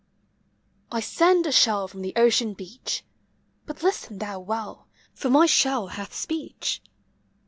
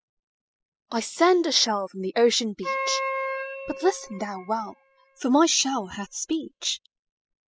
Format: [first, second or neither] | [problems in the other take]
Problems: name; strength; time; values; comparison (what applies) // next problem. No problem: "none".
first | noise reduction (classical method spectral subtraction)